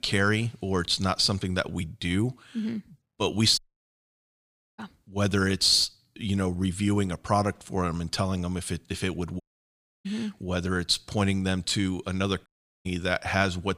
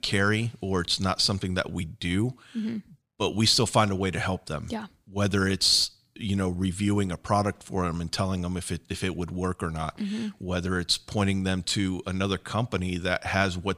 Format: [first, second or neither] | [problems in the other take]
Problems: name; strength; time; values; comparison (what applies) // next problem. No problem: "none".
second | audio cutting out; at 3.5 s for 1 s, at 9.5 s for 0.5 s and at 12 s